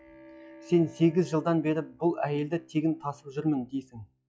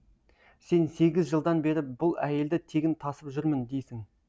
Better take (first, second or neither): second